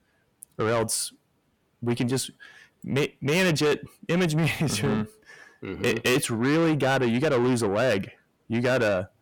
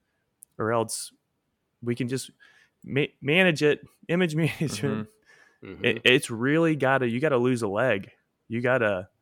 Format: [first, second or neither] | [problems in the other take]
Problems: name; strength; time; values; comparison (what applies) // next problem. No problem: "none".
second | distortion; heavy; 6 dB below the speech